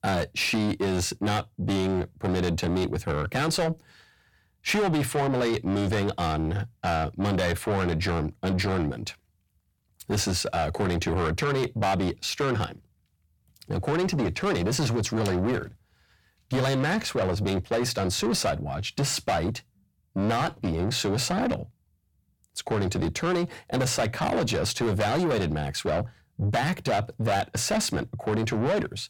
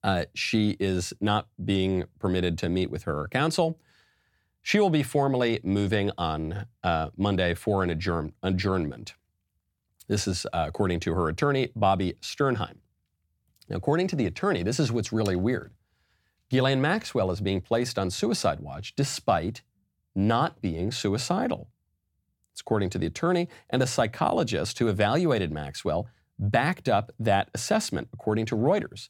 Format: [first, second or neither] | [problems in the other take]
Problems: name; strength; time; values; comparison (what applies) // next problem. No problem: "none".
second | distortion; heavy; 6 dB below the speech